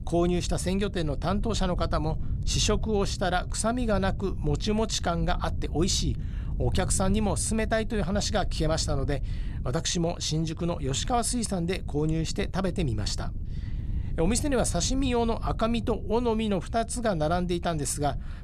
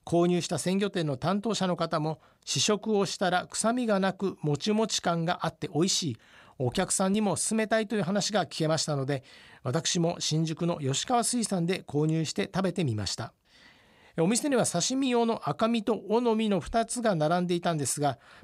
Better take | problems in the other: second | wind noise on the microphone; occasional gusts; 20 dB below the speech

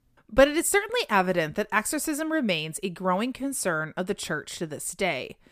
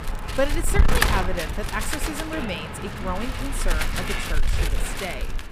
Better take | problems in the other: first | wind noise on the microphone; heavy; 1 dB above the speech

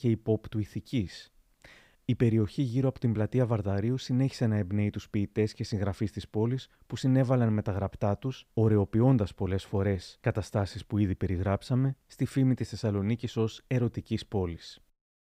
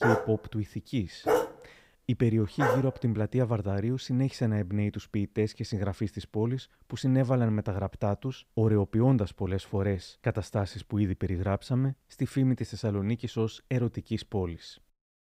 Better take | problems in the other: first | dog barking; loud; until 3 s; peak 2 dB above the speech

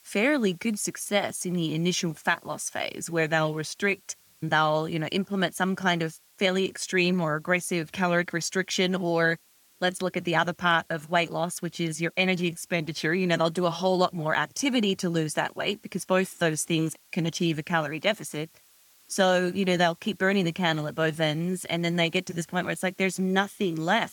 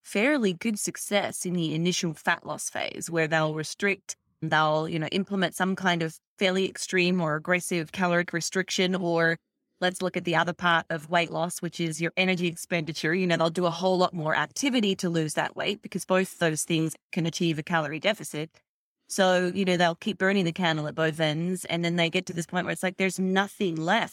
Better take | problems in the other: second | hiss; faint; throughout; 30 dB below the speech

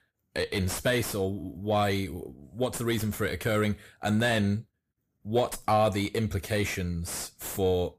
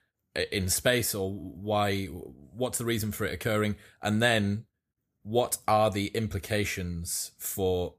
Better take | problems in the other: second | distortion; slight; 9 dB below the speech

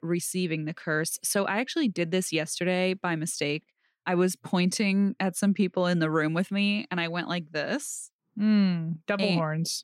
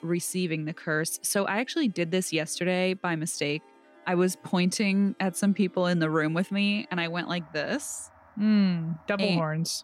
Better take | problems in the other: first | background music; faint; throughout; 30 dB below the speech

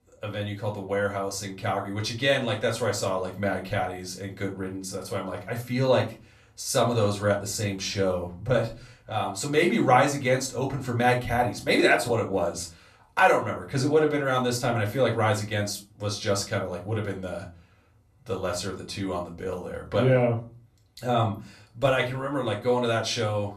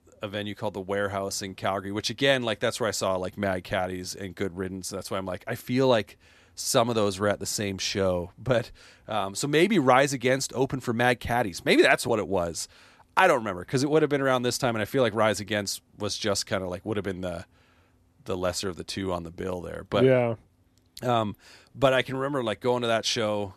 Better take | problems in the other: second | off-mic speech; far // room echo; very slight; dies away in 0.3 s

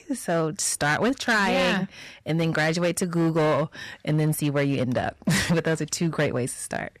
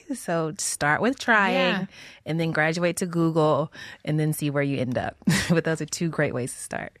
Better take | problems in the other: second | distortion; slight; 9% of the sound clipped

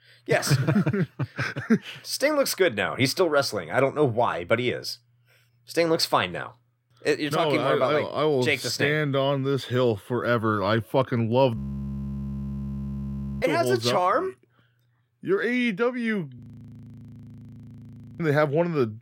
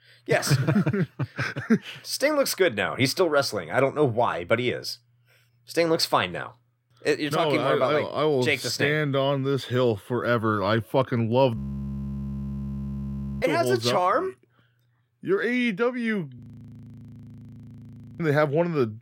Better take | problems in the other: neither | audio freezing; at 12 s for 2 s and at 16 s for 2 s; the same in both

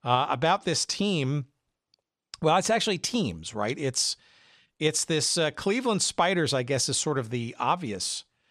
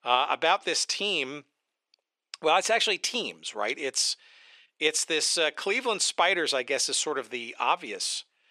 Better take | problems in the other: first | thin; somewhat; fading below 350 Hz

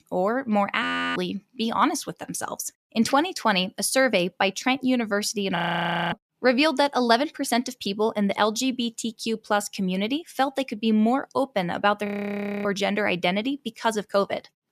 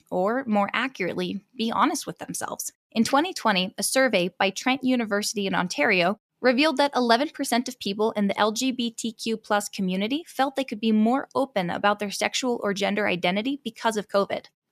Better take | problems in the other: second | audio freezing; at 1 s, at 5.5 s for 0.5 s and at 12 s for 0.5 s

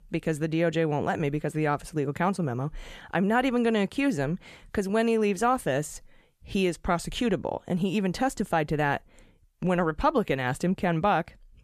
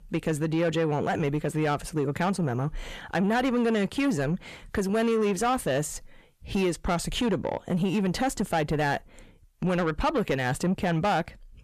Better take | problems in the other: first | distortion; slight; 10 dB below the speech

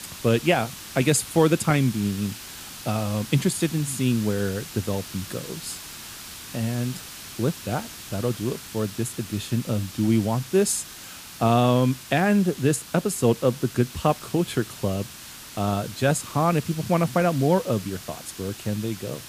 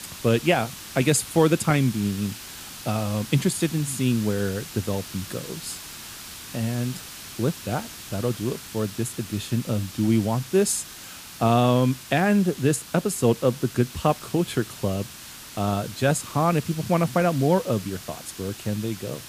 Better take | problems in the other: neither | hiss; noticeable; throughout; 15 dB below the speech; the same in both

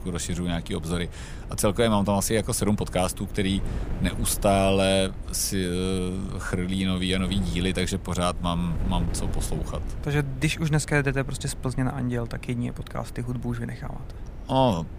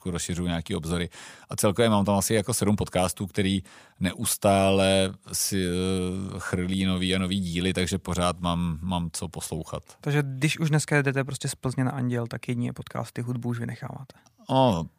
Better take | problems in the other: second | wind noise on the microphone; occasional gusts; 20 dB below the speech

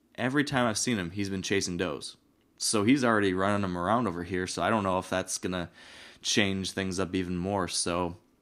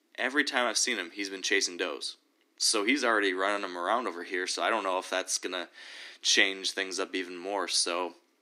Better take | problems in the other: first | thin; somewhat; fading below 300 Hz

